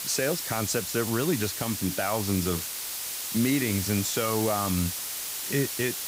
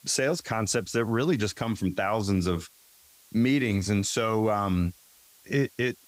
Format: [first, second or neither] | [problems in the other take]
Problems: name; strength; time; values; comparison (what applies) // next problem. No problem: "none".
second | hiss; loud; throughout; 3 dB below the speech; faint in the second